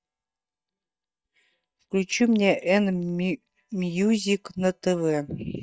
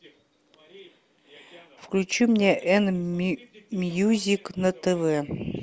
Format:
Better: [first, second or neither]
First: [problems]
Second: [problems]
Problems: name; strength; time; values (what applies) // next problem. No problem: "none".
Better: second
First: noise reduction (neural mask model DeepFilterNet 3)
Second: none